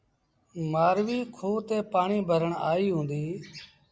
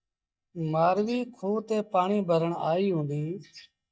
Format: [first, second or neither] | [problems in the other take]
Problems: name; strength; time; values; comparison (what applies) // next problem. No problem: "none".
first | noise reduction (neural mask model DeepFilterNet 3)